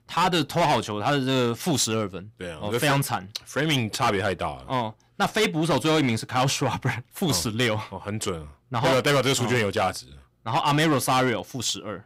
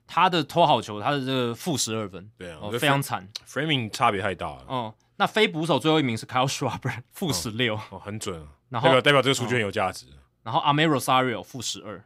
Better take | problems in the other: second | distortion; heavy; 10% of the sound clipped

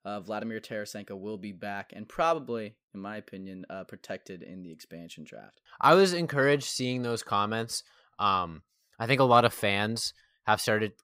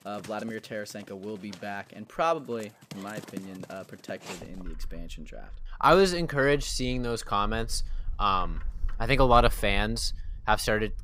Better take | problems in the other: first | animal sounds; noticeable; throughout; 15 dB below the speech

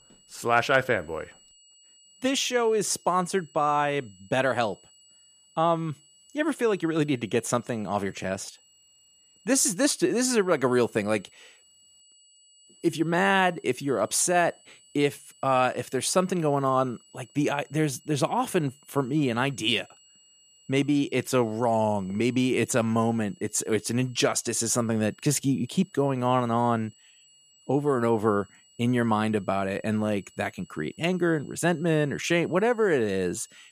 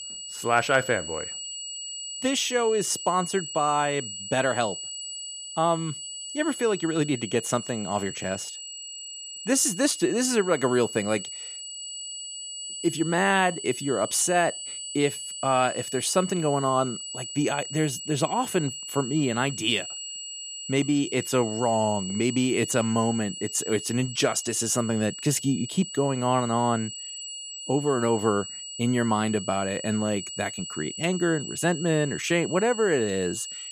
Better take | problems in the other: first | high-pitched whine; loud; throughout; 8 kHz, 9 dB below the speech; faint in the first

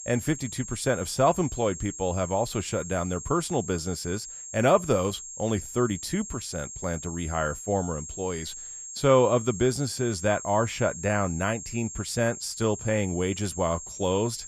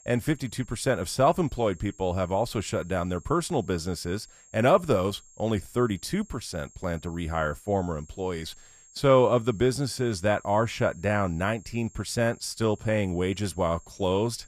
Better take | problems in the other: second | high-pitched whine; loud; throughout; 7.5 kHz, 10 dB below the speech; faint in the second

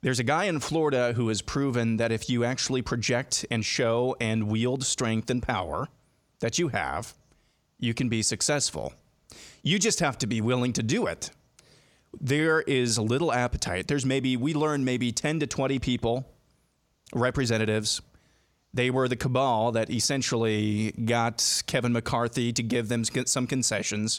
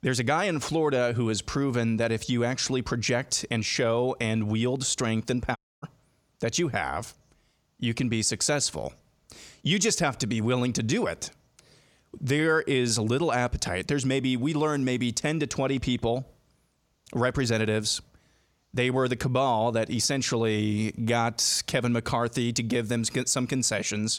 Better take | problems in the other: first | audio cutting out; at 5.5 s

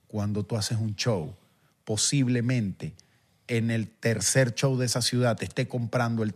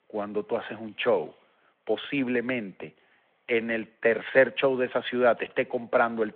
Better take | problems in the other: first | phone-call audio; nothing above 3.5 kHz

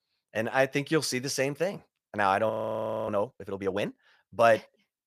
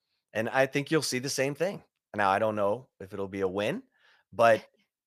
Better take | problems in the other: second | audio freezing; at 2.5 s for 0.5 s

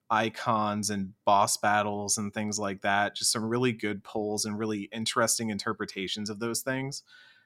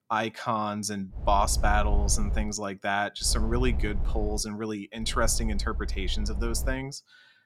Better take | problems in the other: first | low rumble; noticeable; from 1 to 2.5 s, from 3.5 to 4.5 s and from 5 to 7 s; 20 dB below the speech

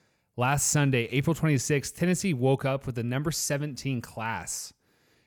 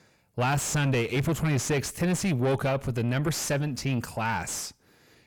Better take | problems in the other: first | distortion; heavy; 6 dB below the speech

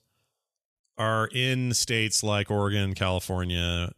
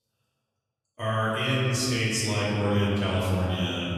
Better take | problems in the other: first | off-mic speech; far // room echo; strong; dies away in 2.6 s

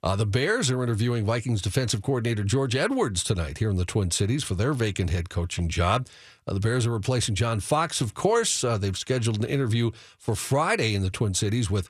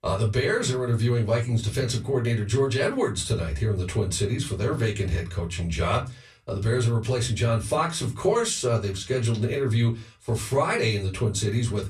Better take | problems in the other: first | off-mic speech; far // room echo; very slight; dies away in 0.2 s

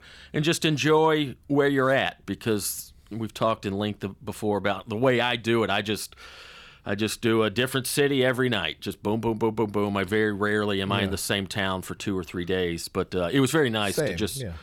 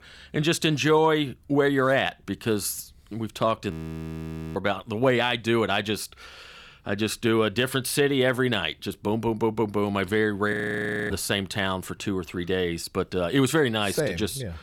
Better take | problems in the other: first | audio freezing; at 3.5 s for 1 s and at 11 s for 0.5 s

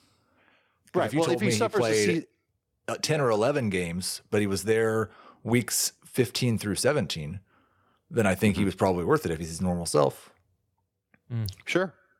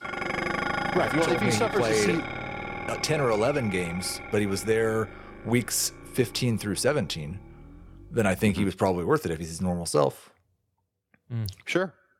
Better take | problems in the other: first | clattering dishes; noticeable; until 8 s; peak 1 dB below the speech

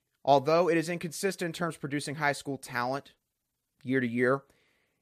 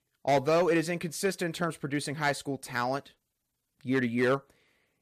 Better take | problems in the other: first | distortion; slight; 3% of the sound clipped

